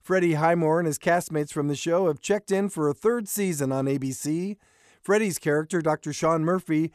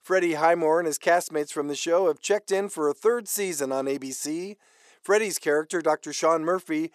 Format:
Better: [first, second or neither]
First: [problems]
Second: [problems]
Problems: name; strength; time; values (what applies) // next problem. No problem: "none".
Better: first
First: none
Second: thin; somewhat; fading below 450 Hz